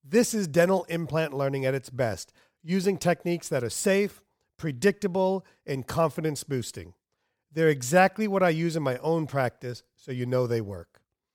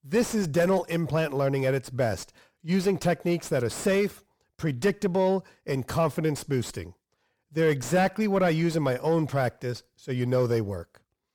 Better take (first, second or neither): first